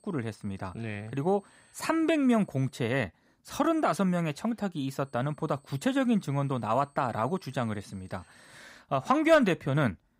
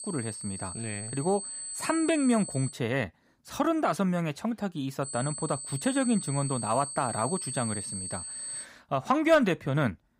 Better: first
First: high-pitched whine; faint; until 2.5 s and from 5 to 8.5 s; 8 kHz, 35 dB below the speech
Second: high-pitched whine; loud; until 2.5 s and from 5 to 8.5 s; 8 kHz, 6 dB below the speech

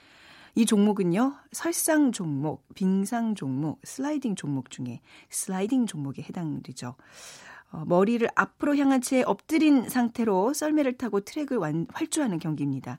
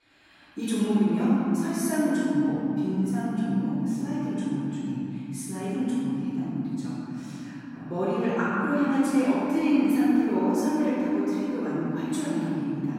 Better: first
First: none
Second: off-mic speech; far // room echo; strong; dies away in 3 s

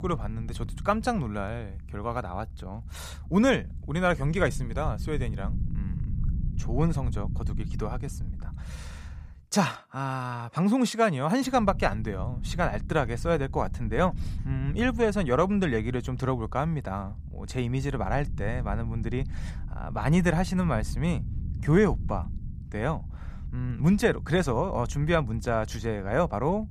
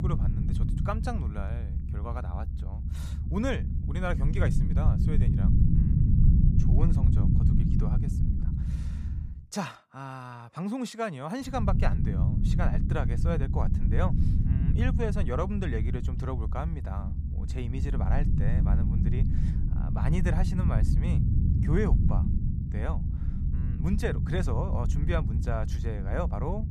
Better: first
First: low rumble; faint; until 9.5 s and from 12 s on; 20 dB below the speech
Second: low rumble; loud; until 9.5 s and from 12 s on; 4 dB below the speech

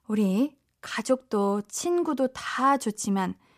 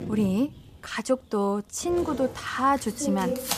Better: first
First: none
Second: household noises; loud; throughout; 8 dB below the speech

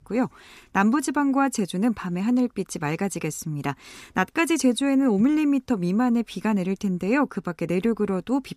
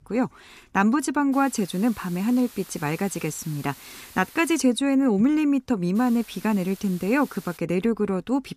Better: first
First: none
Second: hiss; faint; from 1.5 to 4.5 s and from 6 to 7.5 s; 20 dB below the speech

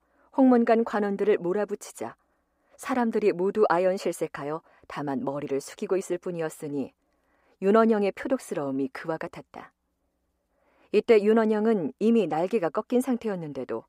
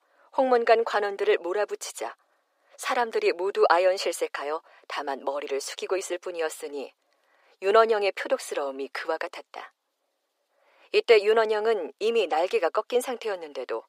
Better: first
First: none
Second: thin; very; fading below 400 Hz

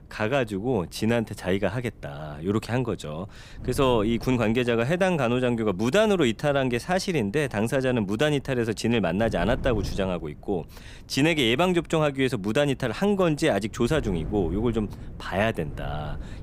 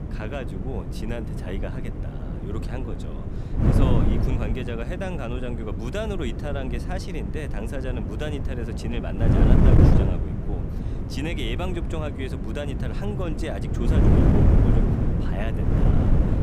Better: first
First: wind noise on the microphone; occasional gusts; 25 dB below the speech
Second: wind noise on the microphone; heavy; 1 dB above the speech

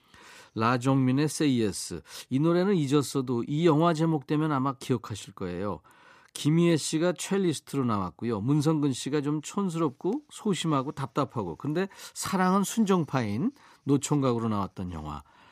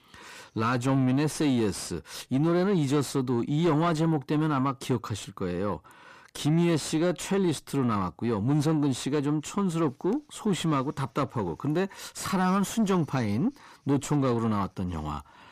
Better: first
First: none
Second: distortion; slight; 10 dB below the speech

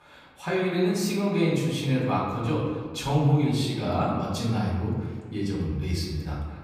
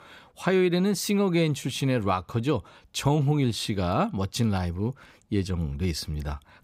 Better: second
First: room echo; noticeable; dies away in 1.4 s // off-mic speech; far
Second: none

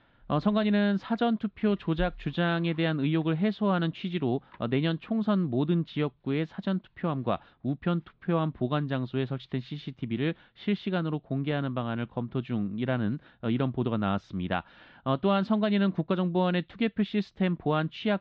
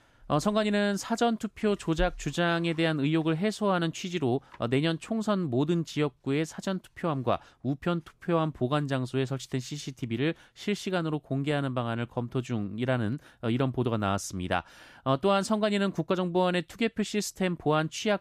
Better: second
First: muffled; slightly; fading above 4 kHz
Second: none

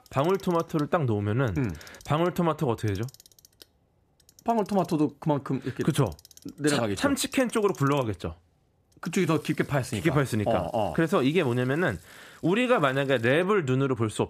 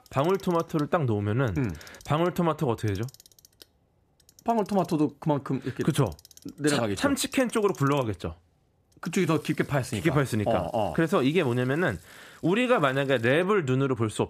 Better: neither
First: household noises; faint; throughout; 25 dB below the speech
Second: household noises; faint; throughout; 25 dB below the speech

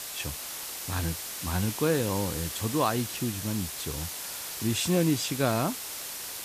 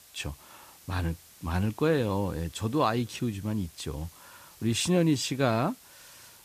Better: second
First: hiss; loud; throughout; 5 dB below the speech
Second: hiss; faint; throughout; 20 dB below the speech

